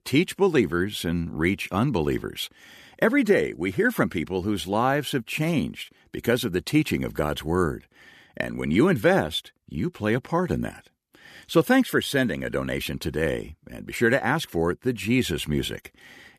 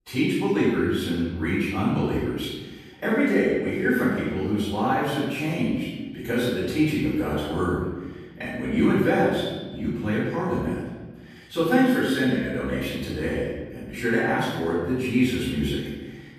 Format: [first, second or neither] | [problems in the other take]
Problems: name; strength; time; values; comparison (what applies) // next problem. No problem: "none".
first | off-mic speech; far // room echo; strong; dies away in 1.2 s